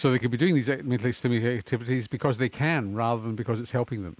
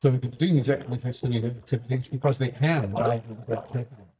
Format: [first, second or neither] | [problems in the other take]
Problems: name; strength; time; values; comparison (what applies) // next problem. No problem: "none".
first | noise reduction (neural mask model DeepFilterNet 3)